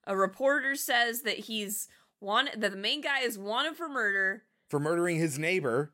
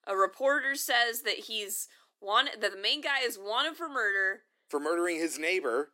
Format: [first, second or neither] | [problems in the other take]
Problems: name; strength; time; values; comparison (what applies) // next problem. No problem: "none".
first | thin; somewhat; fading below 300 Hz